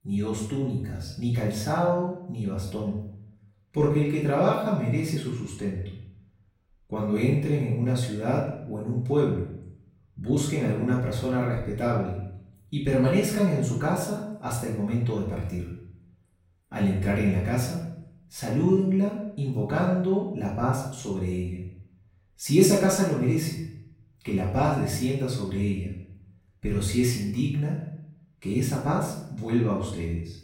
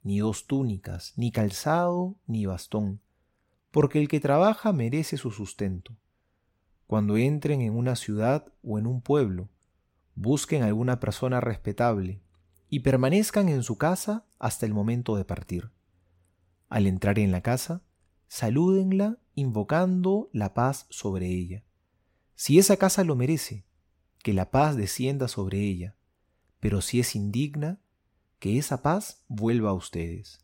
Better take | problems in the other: second | off-mic speech; far // room echo; noticeable; dies away in 0.6 s

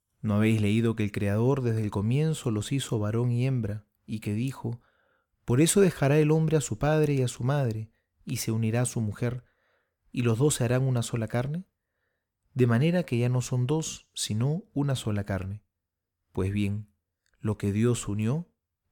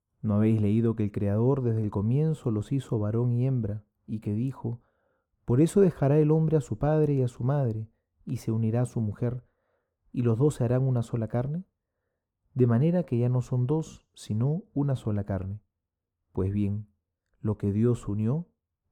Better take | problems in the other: first | muffled; slightly; fading above 1 kHz

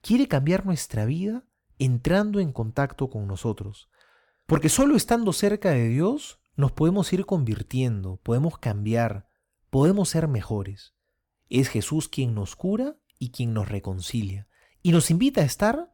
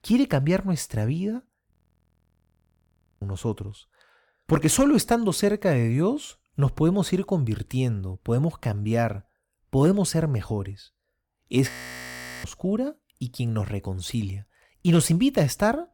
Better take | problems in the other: first | audio freezing; at 1.5 s for 1.5 s and at 12 s for 1 s

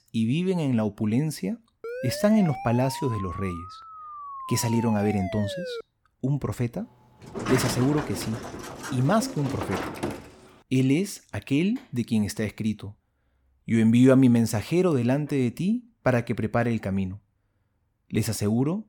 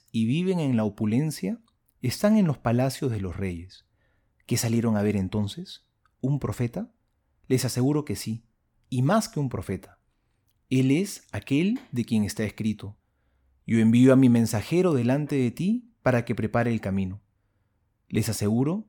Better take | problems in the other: second | siren; noticeable; from 2 to 6 s; peak 9 dB below the speech // door banging; noticeable; from 7.5 to 10 s; peak 2 dB below the speech

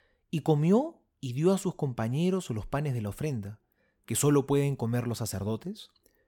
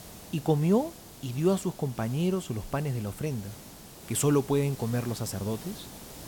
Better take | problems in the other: first | hiss; noticeable; throughout; 15 dB below the speech

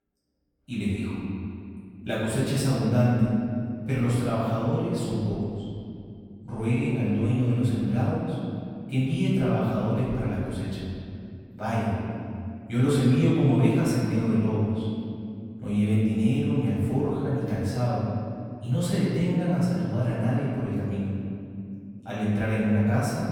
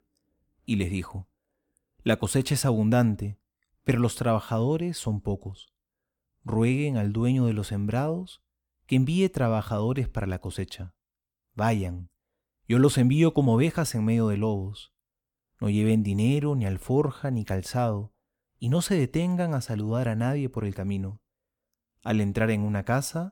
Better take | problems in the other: second | off-mic speech; far // room echo; strong; dies away in 2.4 s

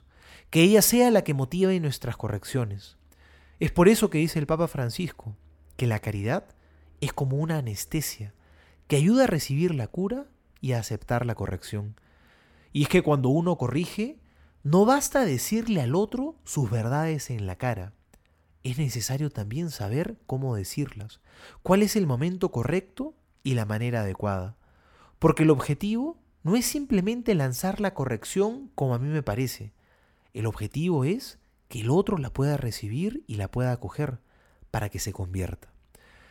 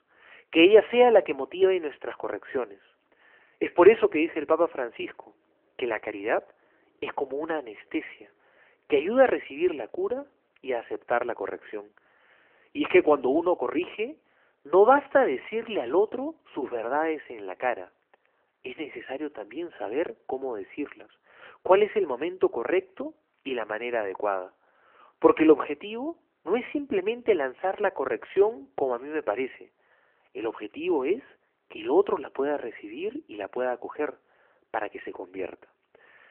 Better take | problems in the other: first | phone-call audio; nothing above 3 kHz

